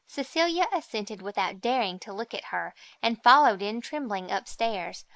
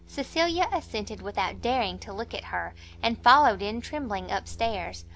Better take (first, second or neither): second